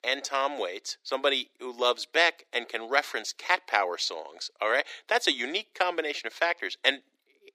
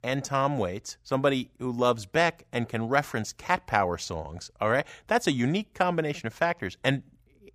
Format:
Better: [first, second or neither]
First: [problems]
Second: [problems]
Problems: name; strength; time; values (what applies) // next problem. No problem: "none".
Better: second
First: thin; very; fading below 300 Hz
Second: none